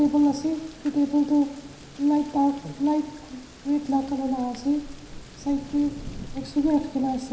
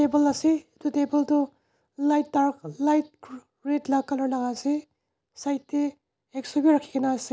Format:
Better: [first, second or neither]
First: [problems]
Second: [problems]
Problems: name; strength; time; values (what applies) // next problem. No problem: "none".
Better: second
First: background sound (Thunder / Rain); 17 dB below the speech // room echo; dies away in 0.9 s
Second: none